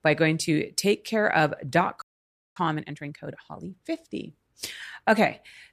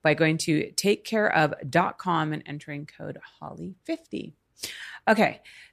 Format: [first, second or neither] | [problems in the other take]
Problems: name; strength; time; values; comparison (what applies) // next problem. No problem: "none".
second | audio freezing; at 2 s for 0.5 s